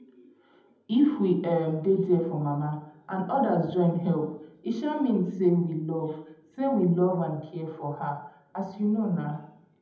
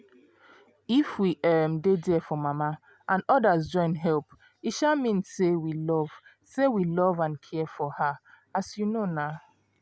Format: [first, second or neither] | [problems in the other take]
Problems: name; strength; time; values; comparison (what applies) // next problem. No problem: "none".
second | room echo; dies away in 0.8 s